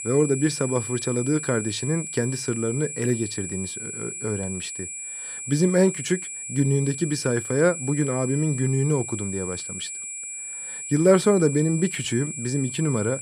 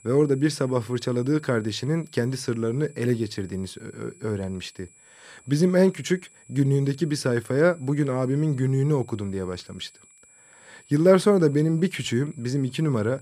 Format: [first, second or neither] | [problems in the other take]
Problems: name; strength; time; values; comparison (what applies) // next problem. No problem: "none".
second | high-pitched whine; loud; throughout; 7.5 kHz, 7 dB below the speech; faint in the second